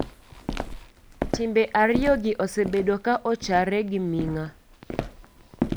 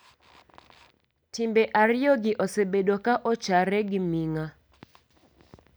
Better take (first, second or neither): second